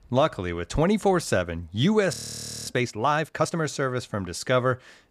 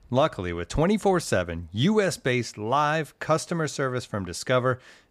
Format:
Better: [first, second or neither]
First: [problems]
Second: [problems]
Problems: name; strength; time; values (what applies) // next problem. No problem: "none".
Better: second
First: audio freezing; at 2 s for 0.5 s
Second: none